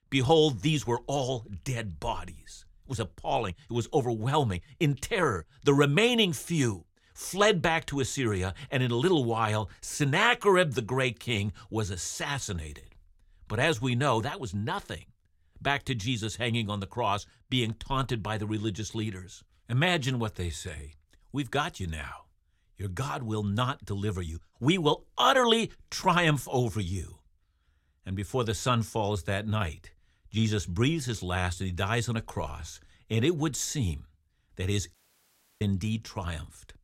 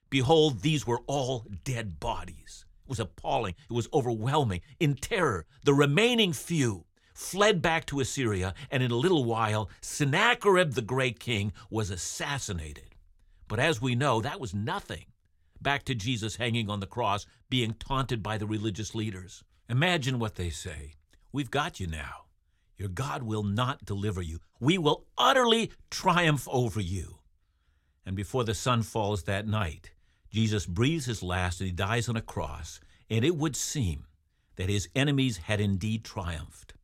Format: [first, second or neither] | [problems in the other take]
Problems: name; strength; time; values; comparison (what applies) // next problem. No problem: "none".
second | audio cutting out; at 35 s for 0.5 s